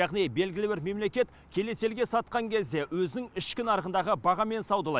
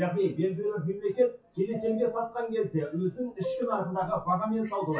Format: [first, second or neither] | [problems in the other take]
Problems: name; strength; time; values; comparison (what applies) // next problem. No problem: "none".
first | noise reduction (classical method WPE with log-MMSE)